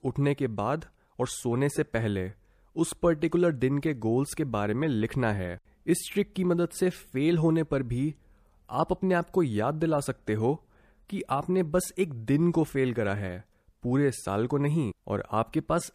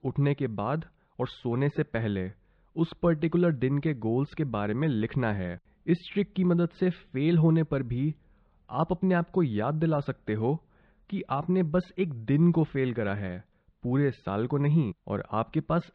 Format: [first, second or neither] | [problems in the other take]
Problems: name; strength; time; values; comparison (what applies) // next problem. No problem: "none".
first | muffled; slightly; fading above 4 kHz